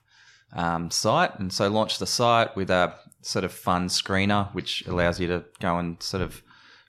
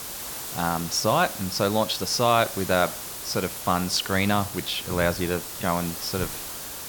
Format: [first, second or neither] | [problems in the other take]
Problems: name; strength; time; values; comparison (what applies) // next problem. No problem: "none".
first | hiss; loud; throughout; 8 dB below the speech